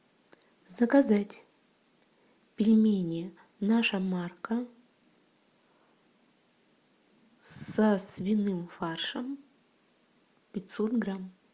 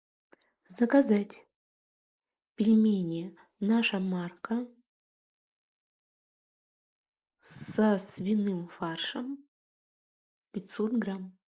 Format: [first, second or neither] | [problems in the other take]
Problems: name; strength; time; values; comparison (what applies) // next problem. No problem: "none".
first | noise reduction (neural mask model Resemble Enhance denoiser)